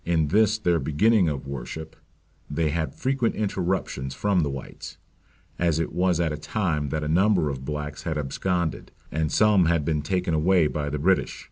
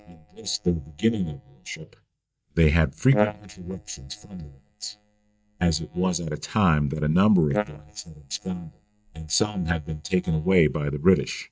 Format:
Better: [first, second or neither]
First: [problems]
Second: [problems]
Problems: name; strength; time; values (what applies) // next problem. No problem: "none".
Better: first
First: none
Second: noise reduction (neural mask model DeepFilterNet 3)